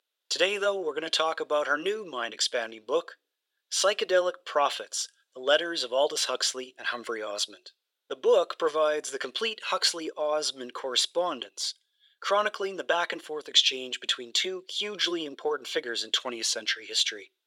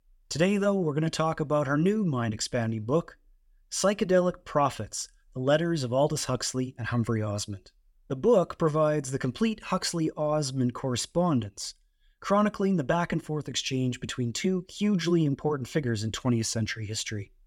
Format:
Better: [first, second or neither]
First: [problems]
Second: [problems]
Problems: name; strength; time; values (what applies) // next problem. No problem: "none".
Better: second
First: thin; very; fading below 400 Hz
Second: none